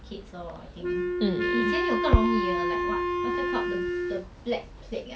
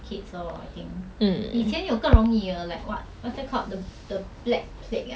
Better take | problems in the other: second | background sound (Wind instrument, woodwind instrument); 2 dB above the speech

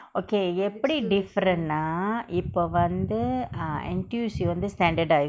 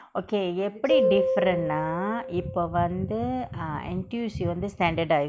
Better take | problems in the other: first | background sound (Piano); 2 dB below the speech

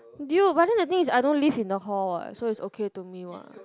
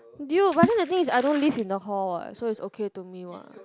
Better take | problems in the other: first | background sound (Water / Splash, splatter); 7 dB below the speech

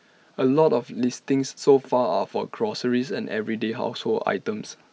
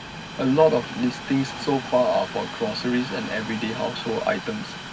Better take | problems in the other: first | background sound (Train); 10 dB below the speech // room echo; dies away in 0.4 s

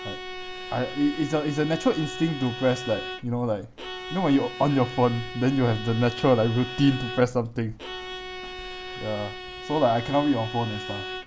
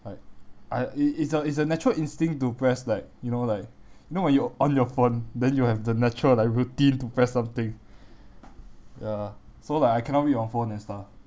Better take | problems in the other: second | background sound (Bowed string instrument); 11 dB below the speech

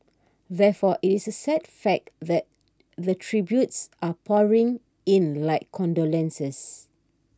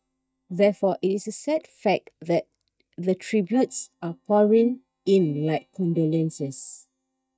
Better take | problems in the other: first | noise reduction (neural mask model DeepFilterNet 3)

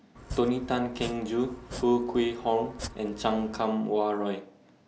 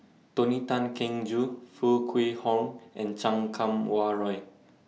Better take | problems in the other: second | background sound (Domestic sounds, home sounds); 14 dB below the speech

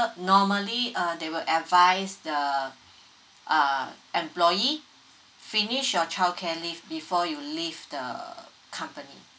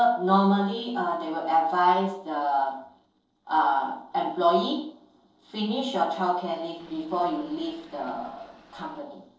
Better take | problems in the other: first | noise reduction (neural separator model SepFormer DNS4)

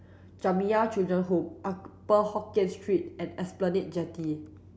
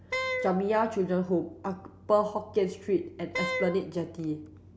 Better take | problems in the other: first | background sound (Wind instrument, woodwind instrument); 5 dB below the speech

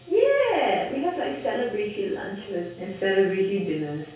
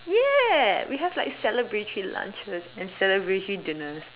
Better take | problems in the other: second | room echo; dies away in 0.6 s

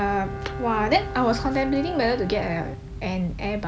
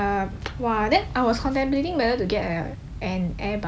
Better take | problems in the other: second | background sound (Bowed string instrument); 12 dB below the speech

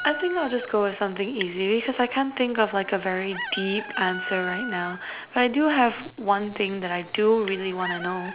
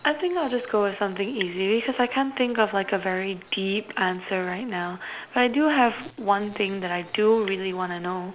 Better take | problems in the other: second | background sound (Chicken, rooster); 13 dB below the speech

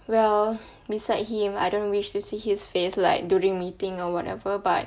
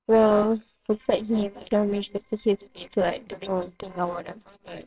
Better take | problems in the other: first | noise reduction (neural separator model SepFormer WHAMR!)

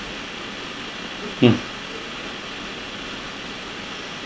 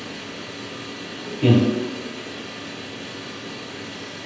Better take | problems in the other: first | room echo; dies away in 1.1 s

